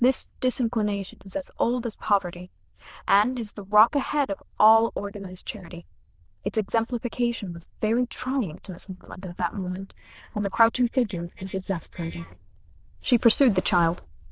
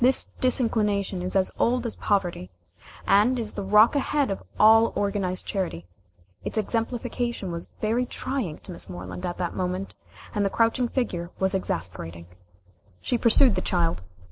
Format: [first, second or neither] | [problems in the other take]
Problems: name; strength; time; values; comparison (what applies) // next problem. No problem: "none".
second | noise reduction (neural diffusion model UNIVERSE++)